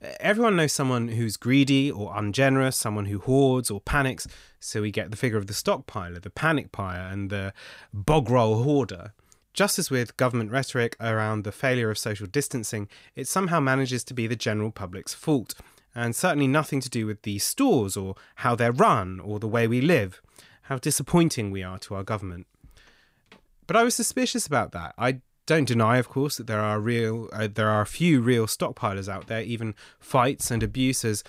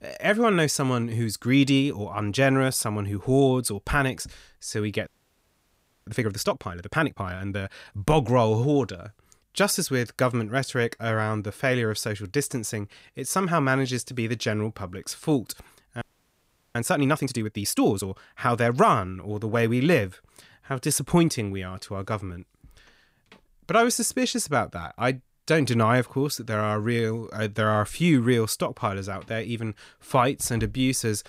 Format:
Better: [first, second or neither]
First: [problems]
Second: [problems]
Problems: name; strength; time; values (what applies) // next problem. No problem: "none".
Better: first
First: none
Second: audio freezing; at 5 s for 1 s and at 16 s for 0.5 s